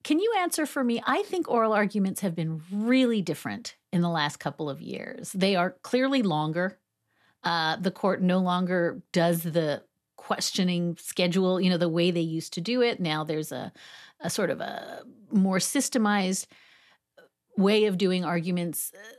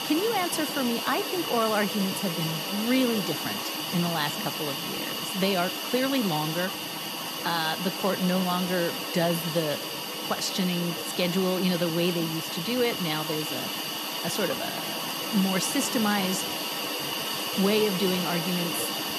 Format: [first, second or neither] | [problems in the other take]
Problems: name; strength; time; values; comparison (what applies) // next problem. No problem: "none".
first | hiss; loud; throughout; 1 dB below the speech